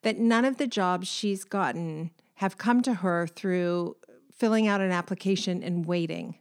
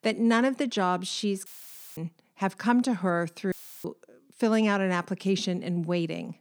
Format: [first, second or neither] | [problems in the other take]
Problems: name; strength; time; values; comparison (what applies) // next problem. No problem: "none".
first | audio cutting out; filled with static; at 1.5 s for 0.5 s and at 3.5 s